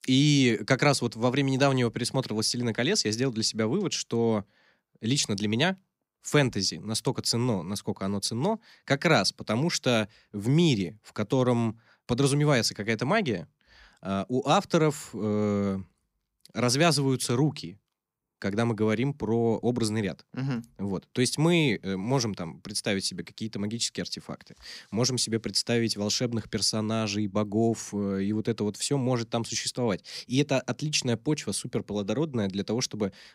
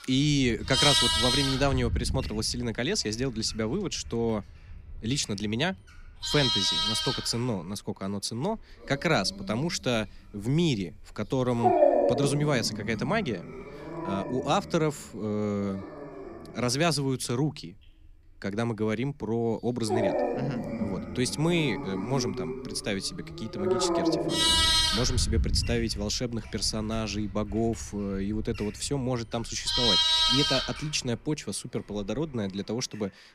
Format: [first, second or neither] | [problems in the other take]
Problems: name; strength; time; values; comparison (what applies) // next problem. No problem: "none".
first | animal sounds; very loud; throughout; 3 dB above the speech